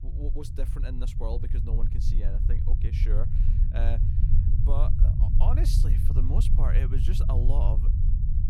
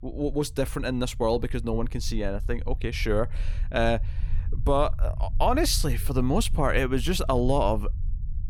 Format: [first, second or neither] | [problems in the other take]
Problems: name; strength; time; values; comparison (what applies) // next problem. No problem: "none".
second | low rumble; loud; throughout; 2 dB below the speech; faint in the second